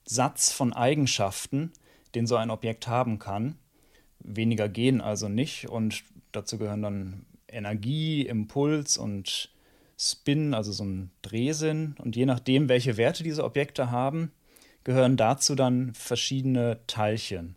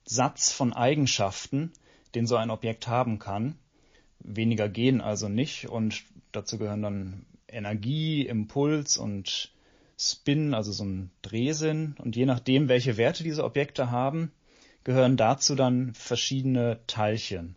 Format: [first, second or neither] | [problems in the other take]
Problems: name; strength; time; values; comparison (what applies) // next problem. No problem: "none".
first | garbled, watery; slightly; nothing above 7 kHz